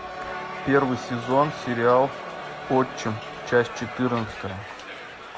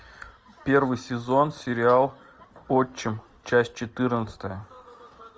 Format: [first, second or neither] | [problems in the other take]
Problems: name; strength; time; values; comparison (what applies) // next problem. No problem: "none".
second | background sound (Crowd); 10 dB below the speech